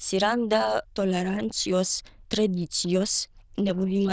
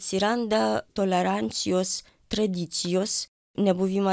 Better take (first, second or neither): second